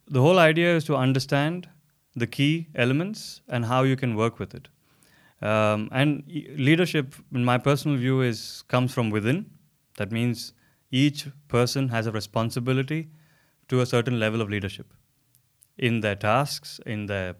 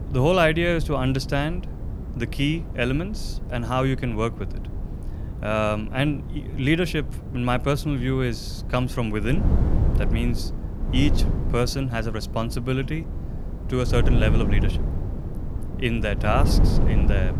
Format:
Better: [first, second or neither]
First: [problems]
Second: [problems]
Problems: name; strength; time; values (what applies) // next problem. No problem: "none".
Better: first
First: none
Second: wind noise on the microphone; occasional gusts; 10 dB below the speech